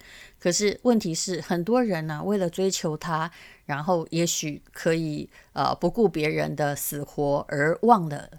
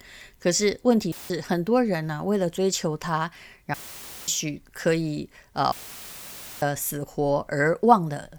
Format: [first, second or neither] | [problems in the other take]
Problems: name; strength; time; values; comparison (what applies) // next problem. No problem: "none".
first | audio cutting out; filled with static; at 1 s, at 3.5 s for 0.5 s and at 5.5 s for 1 s